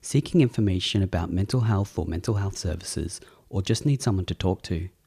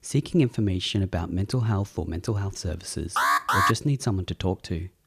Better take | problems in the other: first | alarm; loud; at 3 s; peak 6 dB above the speech

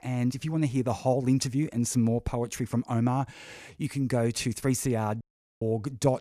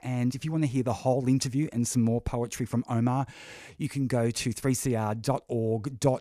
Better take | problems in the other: second | audio cutting out; at 5 s

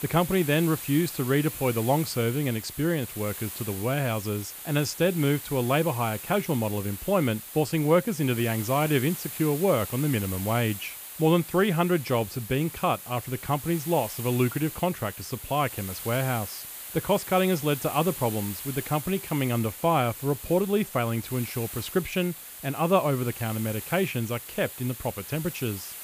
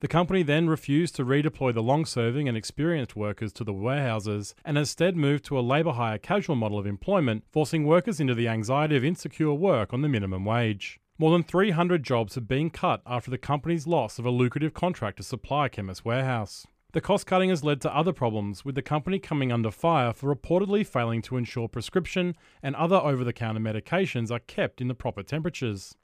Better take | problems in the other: second | hiss; loud; throughout; 10 dB below the speech

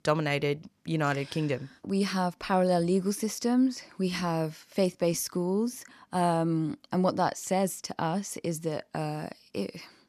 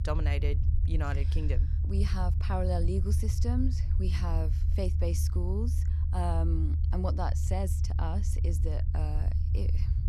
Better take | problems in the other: first | low rumble; loud; throughout; 7 dB below the speech

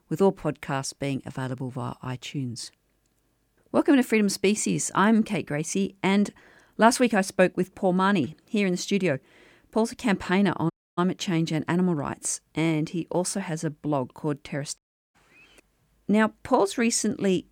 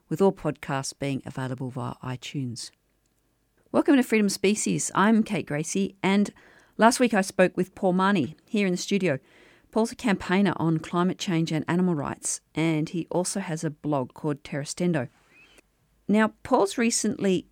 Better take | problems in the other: second | audio cutting out; at 11 s and at 15 s

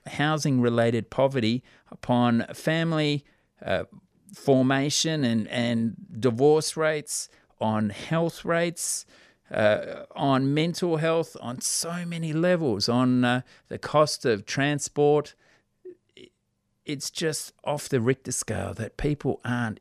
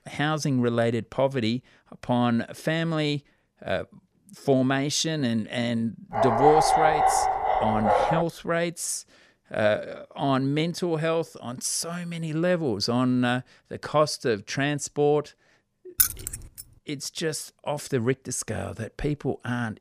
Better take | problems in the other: first | dog barking; loud; from 6 to 8 s; peak 6 dB above the speech // jangling keys; loud; at 16 s; peak 4 dB above the speech

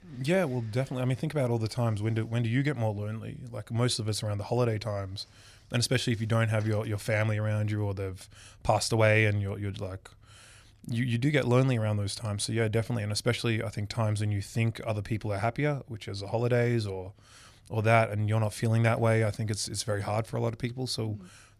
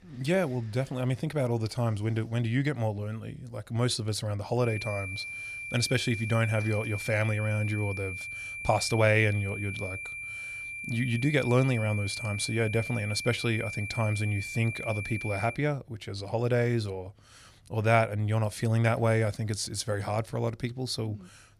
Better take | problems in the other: first | high-pitched whine; loud; from 4.5 to 16 s; 2.5 kHz, 7 dB below the speech

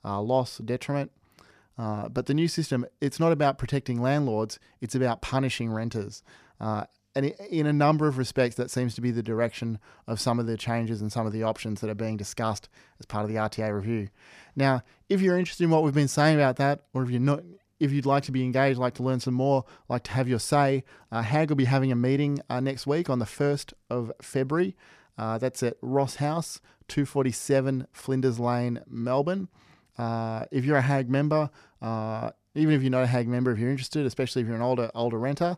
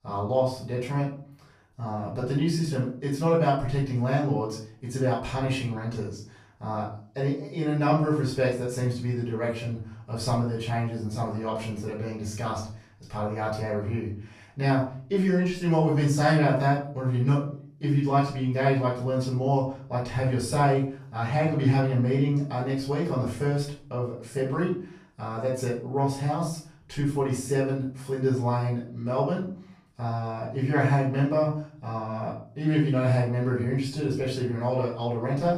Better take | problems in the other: first | off-mic speech; far // room echo; noticeable; dies away in 0.4 s

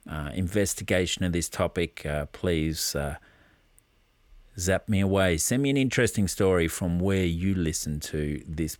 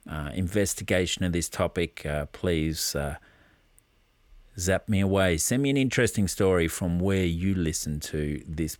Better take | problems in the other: neither | none

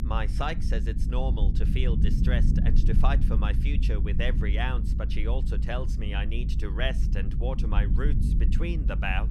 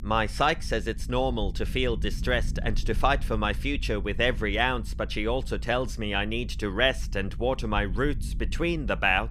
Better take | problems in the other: second | low rumble; loud; throughout; 7 dB below the speech; faint in the second

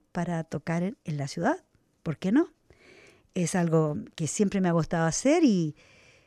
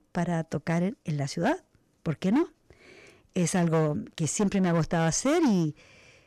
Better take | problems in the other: first | distortion; slight; 8% of the sound clipped

